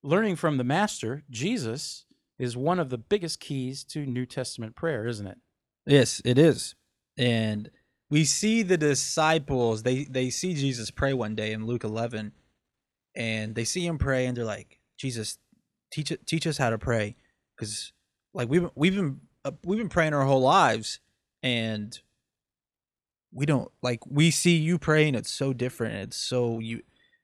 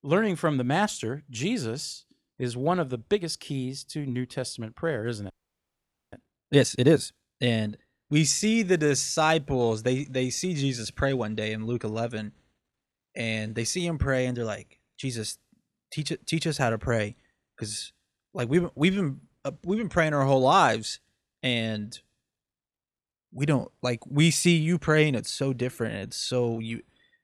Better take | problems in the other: first | audio freezing; at 5.5 s for 1 s

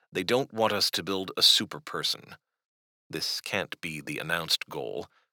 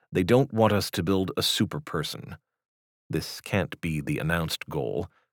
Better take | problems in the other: second | thin; somewhat; fading below 600 Hz

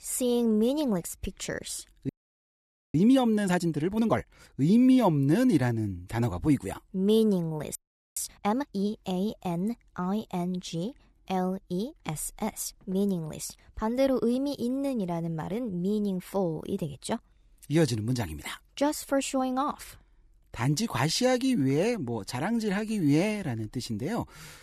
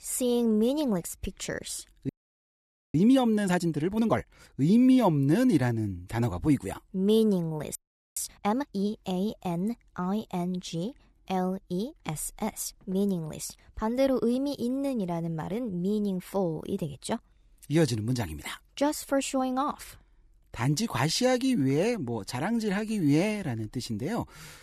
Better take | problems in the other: neither | audio freezing; at 2 s for 1 s and at 8 s; the same in both

